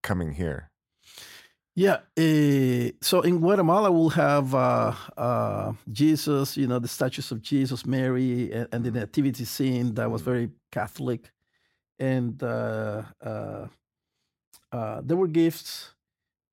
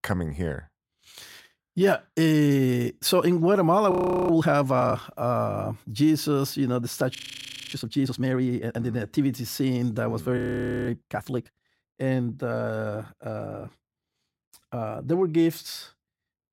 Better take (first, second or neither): first